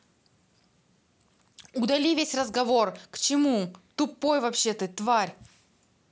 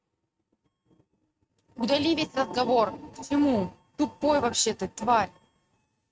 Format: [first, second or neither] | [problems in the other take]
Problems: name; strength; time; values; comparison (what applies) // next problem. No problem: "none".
first | noise reduction (neural mask model RNNoise)